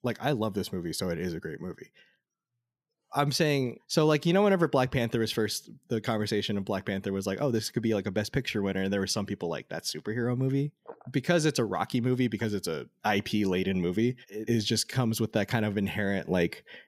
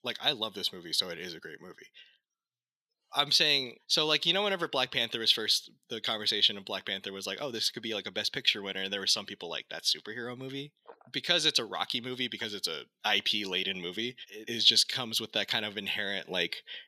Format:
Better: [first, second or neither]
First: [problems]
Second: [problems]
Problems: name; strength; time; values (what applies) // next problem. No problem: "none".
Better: first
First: none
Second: thin; somewhat; fading below 750 Hz